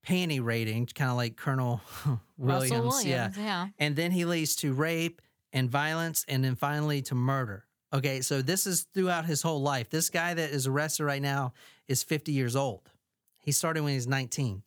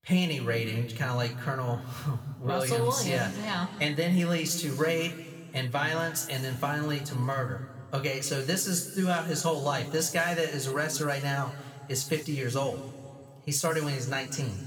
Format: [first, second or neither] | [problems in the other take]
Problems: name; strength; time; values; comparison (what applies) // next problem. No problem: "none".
first | room echo; slight; dies away in 1.7 s